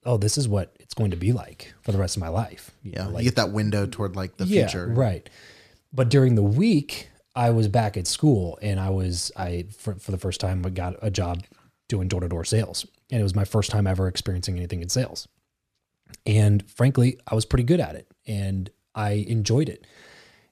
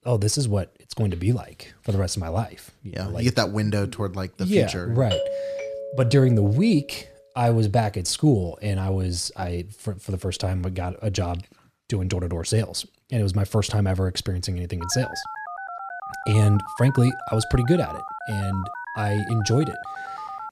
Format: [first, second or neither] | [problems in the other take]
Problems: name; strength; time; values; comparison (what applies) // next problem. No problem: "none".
first | doorbell; noticeable; from 5 to 6.5 s; peak 2 dB below the speech // phone ringing; noticeable; from 15 s on; peak 9 dB below the speech